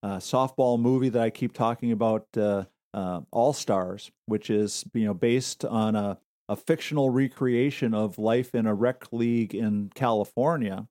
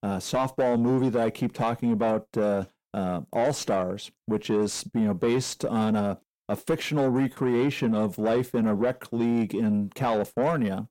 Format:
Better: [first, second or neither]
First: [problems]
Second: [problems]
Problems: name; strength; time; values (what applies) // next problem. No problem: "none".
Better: first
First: none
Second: distortion; slight; 10 dB below the speech